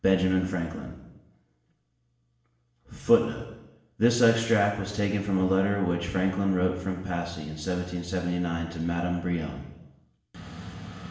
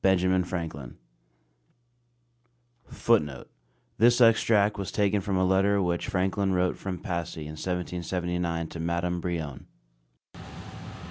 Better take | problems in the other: second | room echo; dies away in 0.9 s

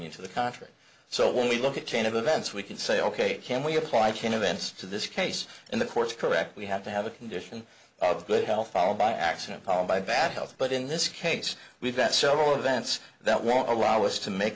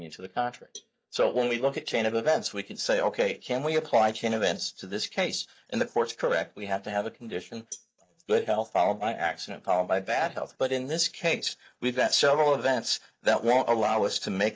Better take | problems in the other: first | noise reduction (neural mask model DeepFilterNet 3)

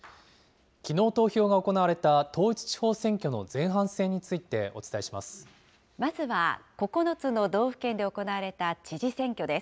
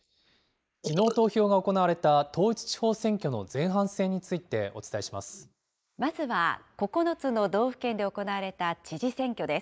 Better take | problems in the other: first | noise reduction (neural mask model Resemble Enhance denoiser)

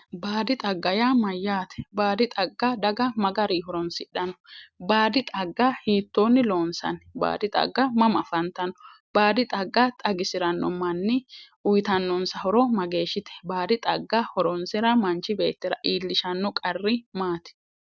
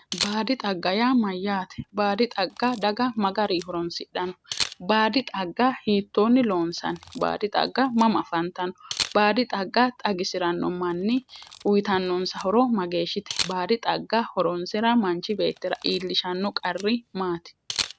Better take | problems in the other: first | background sound (Camera); 15 dB below the speech

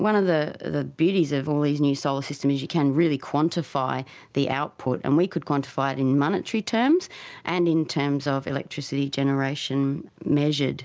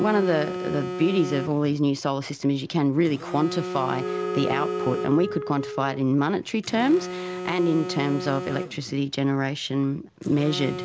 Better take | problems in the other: first | background sound (Telephone + Wind instrument, woodwind instrument); 8 dB below the speech

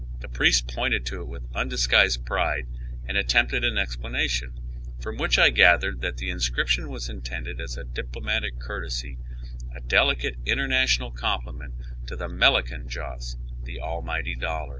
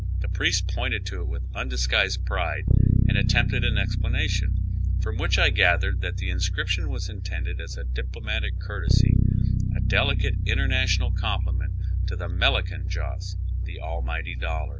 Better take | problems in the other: first | background sound (Bass guitar); 5 dB above the speech

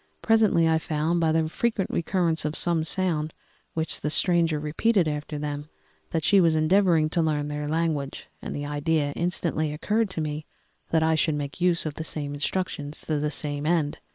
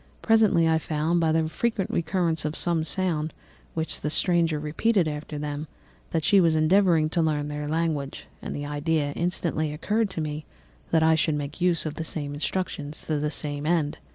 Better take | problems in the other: second | noise reduction (neural separator model SepFormer WHAM!)

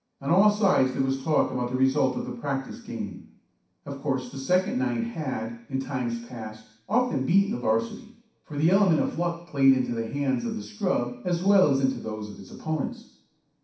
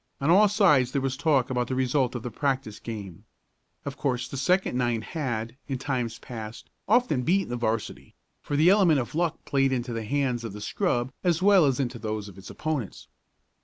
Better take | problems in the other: second | room echo; dies away in 0.6 s

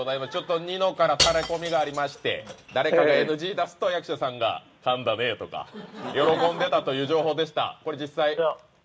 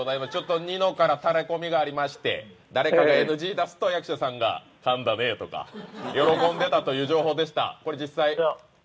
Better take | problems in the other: second | background sound (Shatter / Crushing); 7 dB below the speech

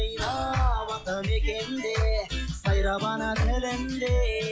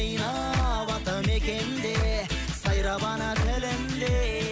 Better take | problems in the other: second | noise reduction (classical method log-MMSE)

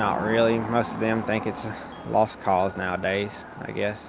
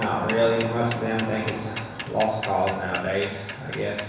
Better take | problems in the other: first | background sound (Mechanisms / Bicycle); 12 dB below the speech // room echo; dies away in 1.1 s

